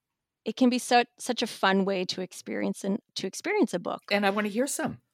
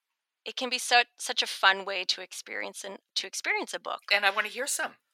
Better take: first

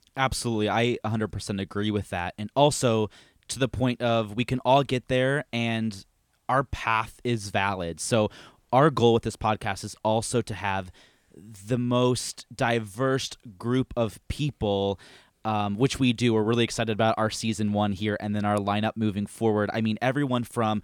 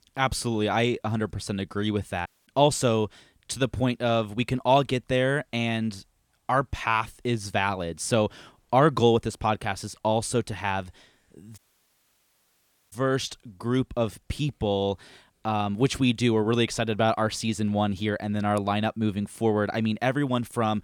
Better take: first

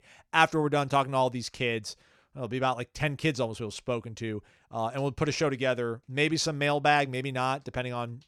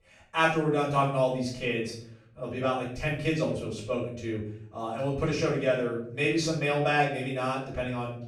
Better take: first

